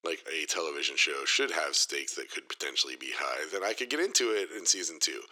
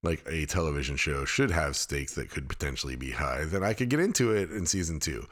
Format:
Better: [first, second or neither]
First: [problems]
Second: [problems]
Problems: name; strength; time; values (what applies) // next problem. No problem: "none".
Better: second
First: thin; very; fading below 350 Hz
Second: none